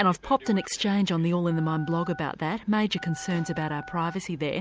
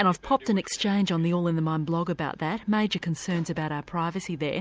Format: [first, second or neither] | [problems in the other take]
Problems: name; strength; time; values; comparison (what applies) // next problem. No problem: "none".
second | background sound (Telephone); 18 dB below the speech